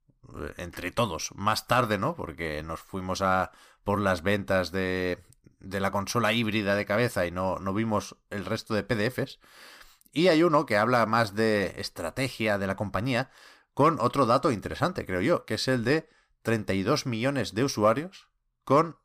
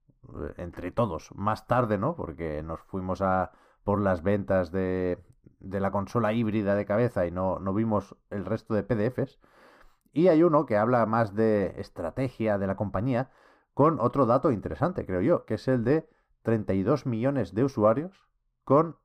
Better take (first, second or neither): first